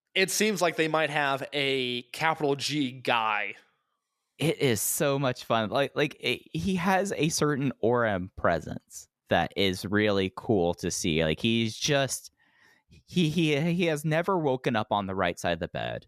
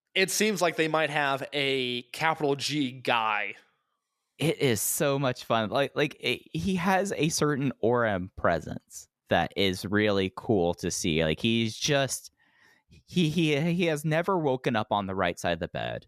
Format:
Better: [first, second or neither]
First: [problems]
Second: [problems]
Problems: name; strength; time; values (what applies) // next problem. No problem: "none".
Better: neither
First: none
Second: none